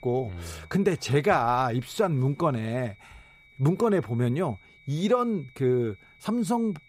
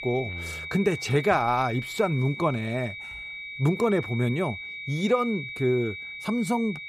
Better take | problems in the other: first | high-pitched whine; loud; throughout; 2.5 kHz, 9 dB below the speech; faint in the first

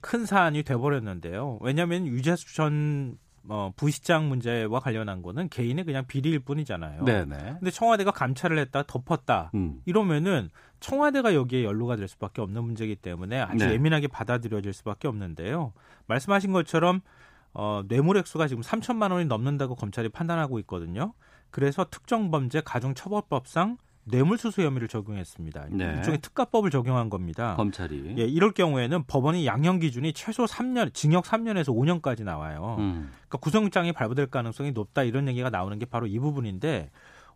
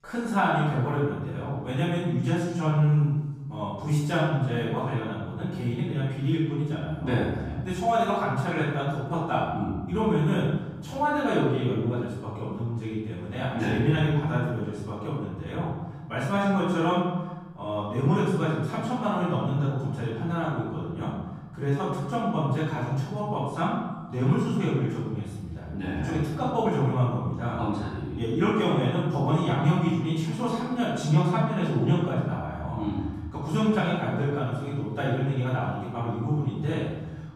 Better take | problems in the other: first | room echo; strong; dies away in 1.2 s // off-mic speech; far

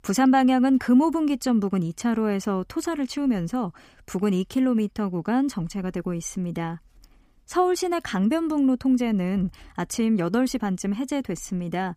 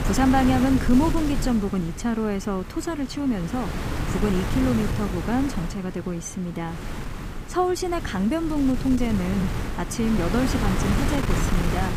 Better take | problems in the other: first | wind noise on the microphone; heavy; 5 dB below the speech

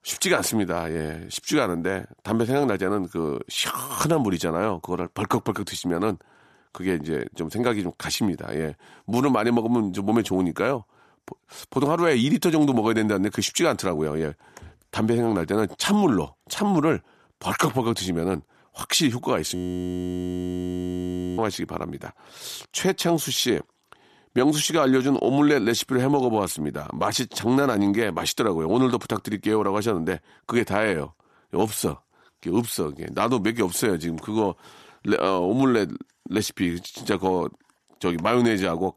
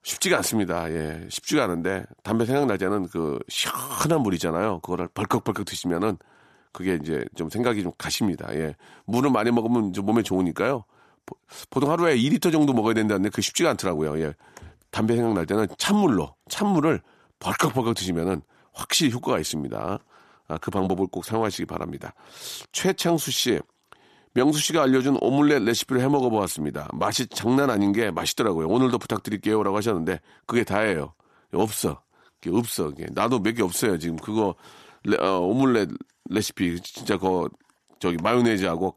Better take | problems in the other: second | audio freezing; at 20 s for 2 s

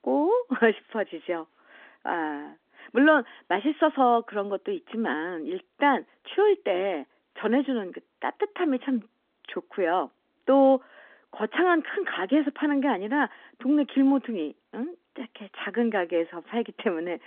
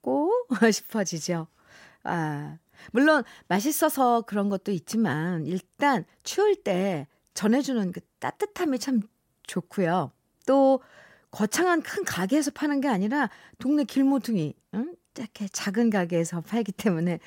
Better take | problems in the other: second | phone-call audio; nothing above 3.5 kHz

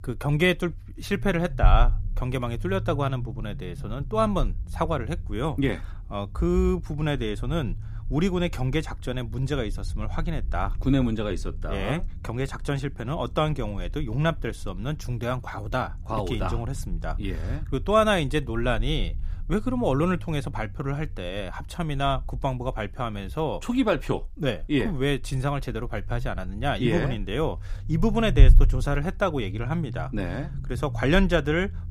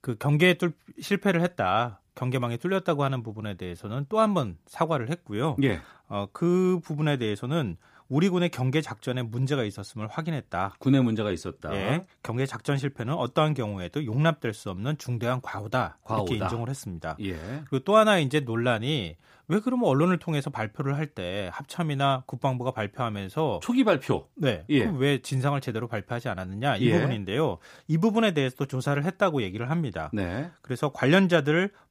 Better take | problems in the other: second | low rumble; faint; throughout; 20 dB below the speech

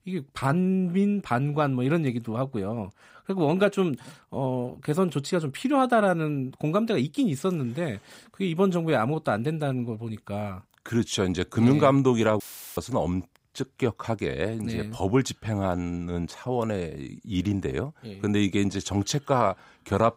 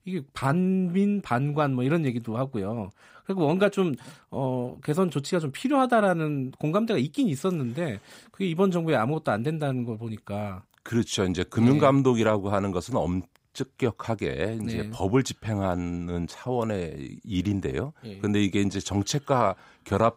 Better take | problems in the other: second | audio cutting out; filled with static; at 12 s

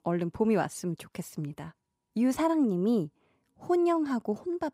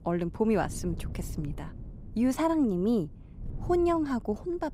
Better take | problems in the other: first | wind noise on the microphone; occasional gusts; 25 dB below the speech

